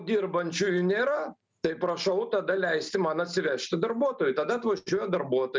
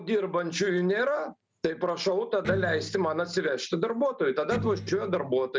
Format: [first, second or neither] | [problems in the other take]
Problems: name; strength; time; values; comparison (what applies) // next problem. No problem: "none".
first | background sound (Electric guitar); 9 dB below the speech